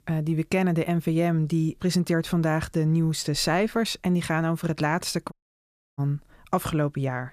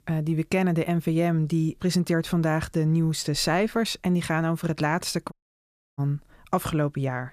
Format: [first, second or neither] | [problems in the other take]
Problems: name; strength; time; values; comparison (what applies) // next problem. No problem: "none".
neither | audio cutting out; at 5.5 s for 0.5 s; the same in both